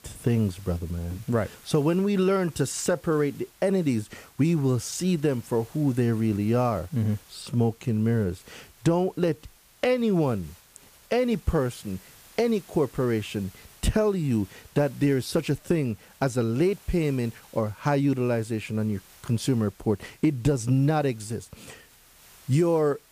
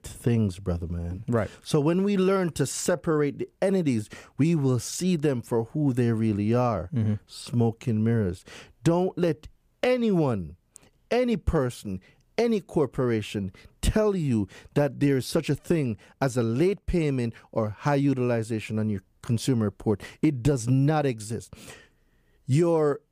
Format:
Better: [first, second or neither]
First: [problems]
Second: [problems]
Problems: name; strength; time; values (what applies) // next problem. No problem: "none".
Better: second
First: hiss; faint; throughout; 25 dB below the speech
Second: none